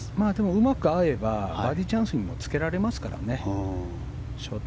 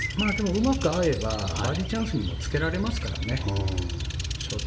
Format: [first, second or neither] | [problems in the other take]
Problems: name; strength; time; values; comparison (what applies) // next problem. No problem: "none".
first | background sound (Bird vocalization, bird call, bird song); 11 dB below the speech // room echo; dies away in 0.9 s